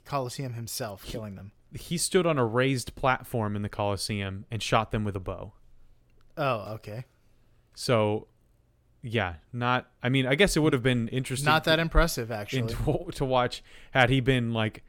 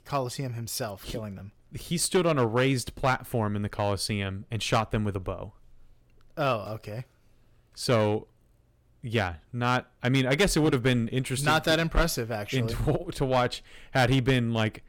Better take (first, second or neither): first